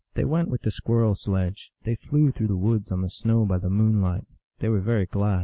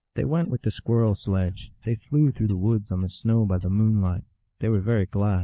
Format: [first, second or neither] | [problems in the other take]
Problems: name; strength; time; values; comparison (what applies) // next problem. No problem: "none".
first | noise reduction (neural mask model DeepFilterNet 3)